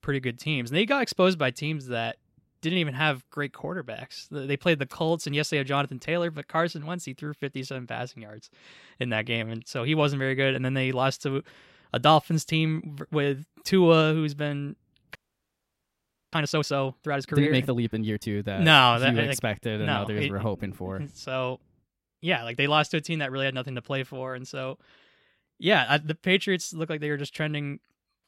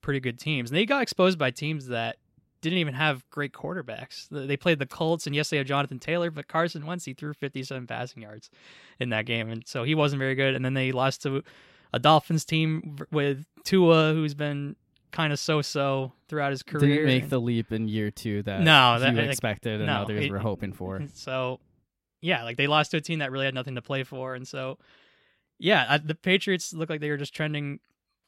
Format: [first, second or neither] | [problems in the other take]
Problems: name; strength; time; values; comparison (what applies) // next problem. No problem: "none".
second | audio freezing; at 15 s for 1 s